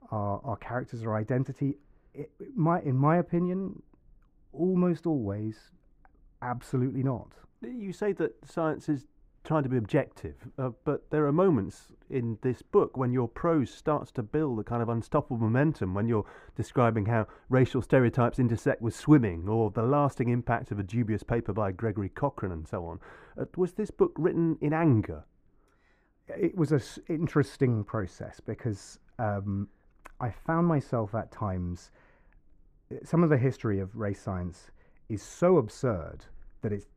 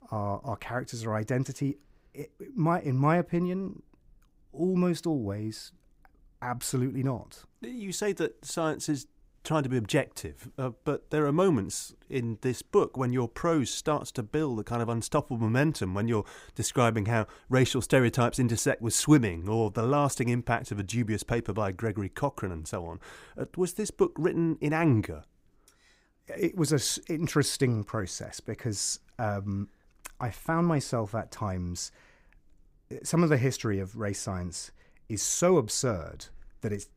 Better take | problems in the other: second | muffled; very; fading above 3 kHz

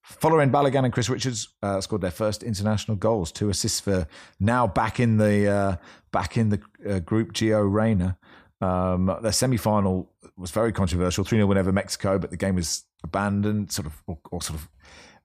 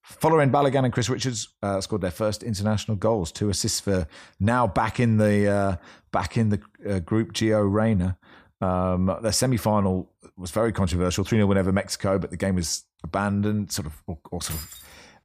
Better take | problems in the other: first | jangling keys; faint; at 14 s; peak 10 dB below the speech

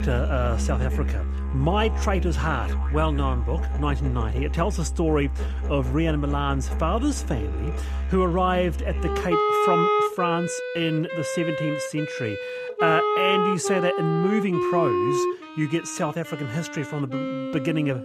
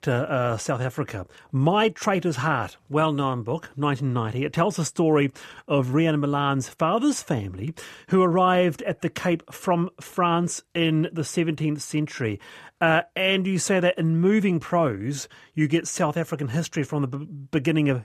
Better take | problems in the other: second | background music; loud; throughout; as loud as the speech

